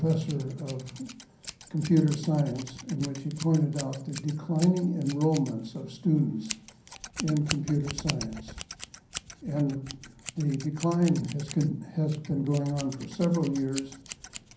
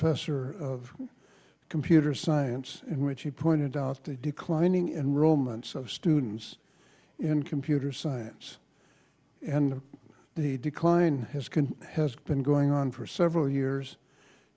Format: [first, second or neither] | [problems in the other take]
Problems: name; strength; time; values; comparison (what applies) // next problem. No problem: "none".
second | background sound (Scissors); 14 dB below the speech // room echo; dies away in 0.6 s